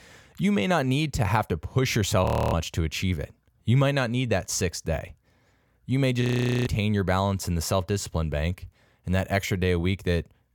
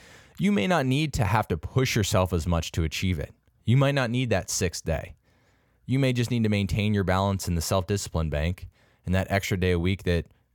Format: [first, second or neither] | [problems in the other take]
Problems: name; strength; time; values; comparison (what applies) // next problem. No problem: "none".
second | audio freezing; at 2.5 s and at 6 s